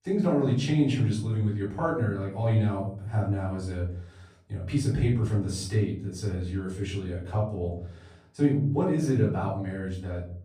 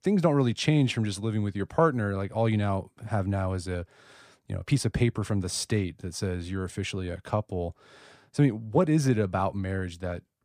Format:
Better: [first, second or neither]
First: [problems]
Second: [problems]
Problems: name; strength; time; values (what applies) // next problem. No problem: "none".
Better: second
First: off-mic speech; far // room echo; noticeable; dies away in 0.7 s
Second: none